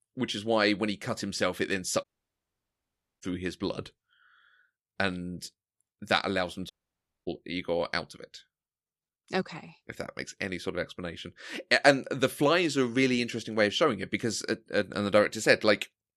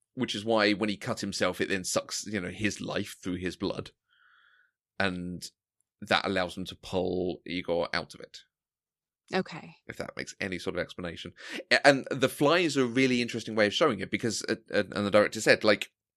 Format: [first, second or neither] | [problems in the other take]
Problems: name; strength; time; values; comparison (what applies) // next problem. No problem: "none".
second | audio cutting out; at 2 s for 1 s and at 6.5 s for 0.5 s